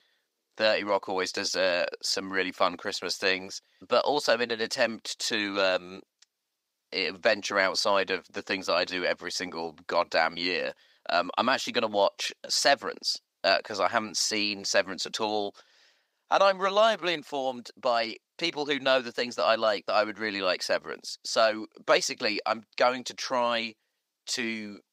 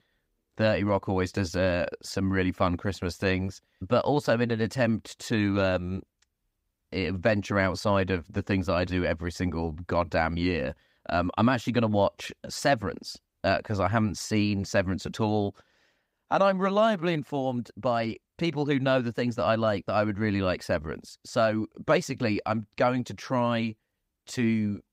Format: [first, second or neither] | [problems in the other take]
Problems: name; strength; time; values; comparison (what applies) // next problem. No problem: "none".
second | thin; somewhat; fading below 450 Hz